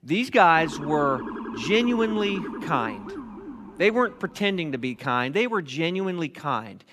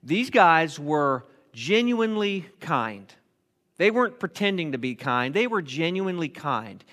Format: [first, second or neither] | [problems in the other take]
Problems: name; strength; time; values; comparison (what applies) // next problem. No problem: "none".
second | siren; noticeable; from 0.5 to 4.5 s; peak 9 dB below the speech